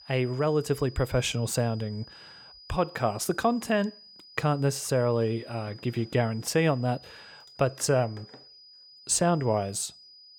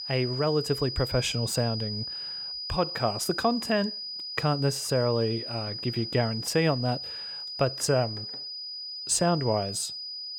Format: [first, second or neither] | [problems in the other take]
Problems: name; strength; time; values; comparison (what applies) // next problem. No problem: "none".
first | high-pitched whine; loud; throughout; 5 kHz, 6 dB below the speech; faint in the first